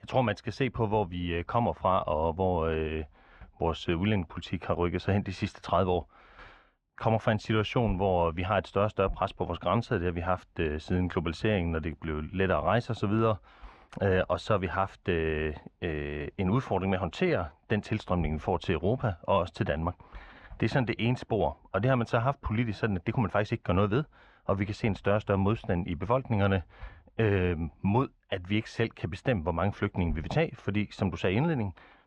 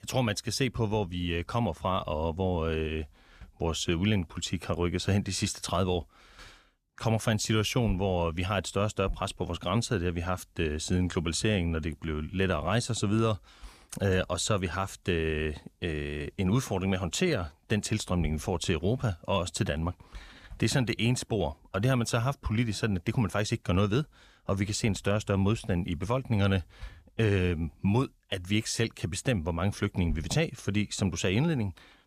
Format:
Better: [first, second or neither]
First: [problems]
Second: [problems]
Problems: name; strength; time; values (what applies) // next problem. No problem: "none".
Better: second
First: muffled; very; fading above 2.5 kHz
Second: none